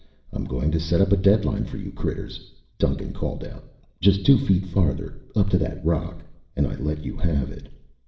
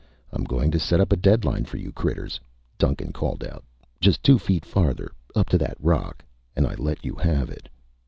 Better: second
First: room echo; dies away in 0.7 s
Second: none

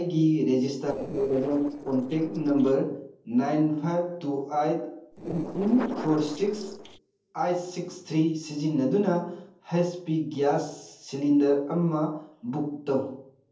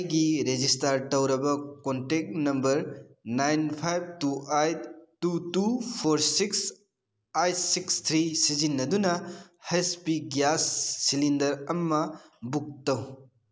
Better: second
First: noise reduction (neural separator model SepFormer DNS4)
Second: none

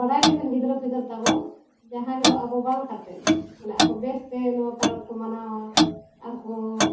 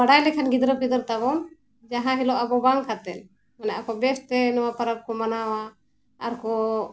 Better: second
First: background sound (Clock); 2 dB above the speech // room echo; dies away in 0.5 s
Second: none

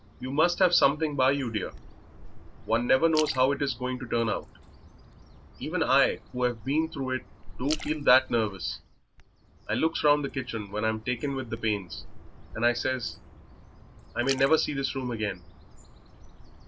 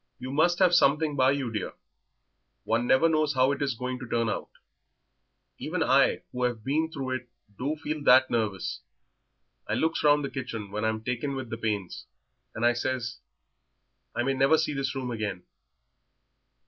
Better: second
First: background sound (Splash, splatter + Bird); 15 dB below the speech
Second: none

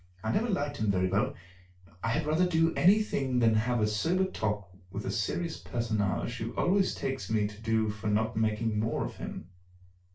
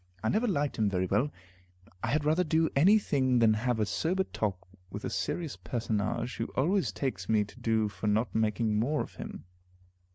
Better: second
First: room echo; dies away in 0.3 s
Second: none

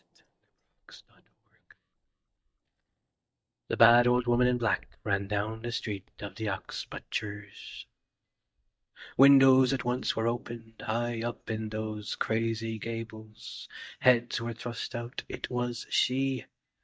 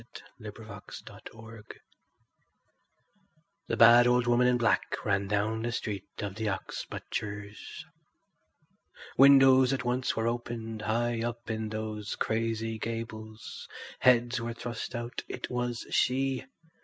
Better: second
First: noise reduction (neural mask model DeepFilterNet 3)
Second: none

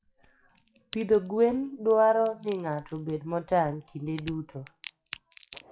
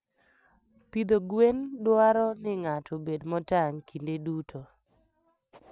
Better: second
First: noise reduction (classical method WPE with log-MMSE)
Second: none

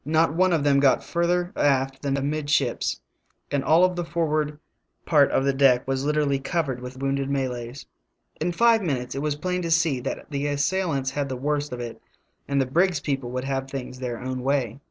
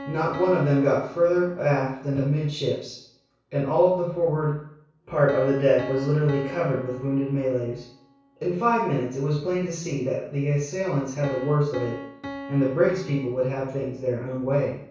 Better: first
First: none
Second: background sound (Piano); 17 dB below the speech // room echo; dies away in 0.6 s

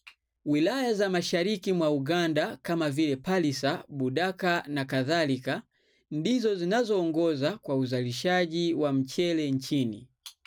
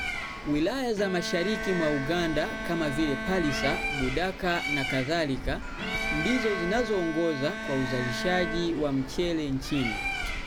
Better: first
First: none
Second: background sound (Bird + Bowed string instrument); 4 dB below the speech

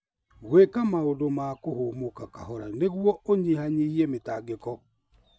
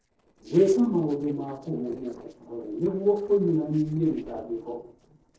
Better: first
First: none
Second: noise reduction (neural separator model SepFormer DNS4)

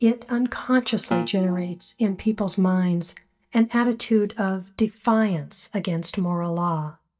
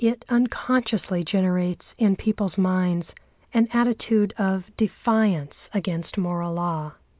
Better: second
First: noise reduction (neural mask model DeepFilterNet 3)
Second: none

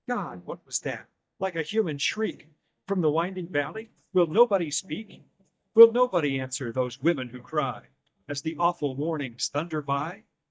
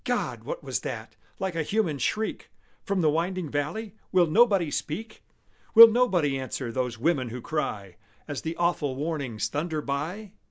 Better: second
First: noise reduction (neural mask model DeepFilterNet 3)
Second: none

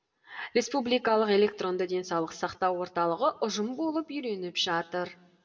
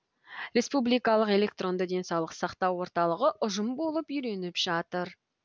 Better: second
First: room echo; dies away in 0.7 s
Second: none

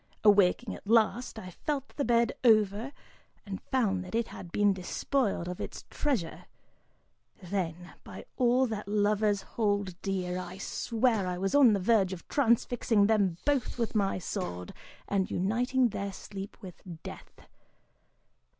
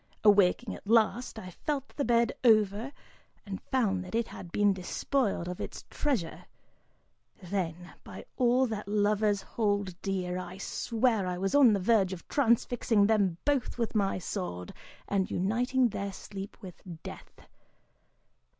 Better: second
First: background sound (Breathing); 20 dB below the speech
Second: none

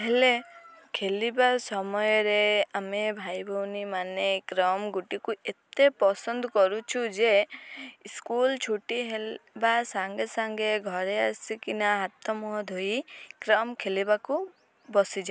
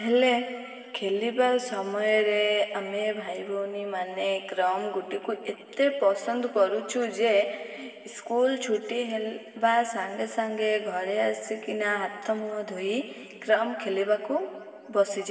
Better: first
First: none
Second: room echo; dies away in 2.3 s

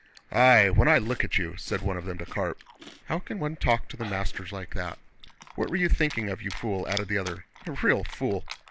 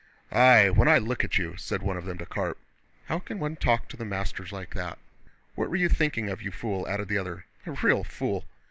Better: second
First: background sound (Chewing, mastication); 20 dB below the speech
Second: none

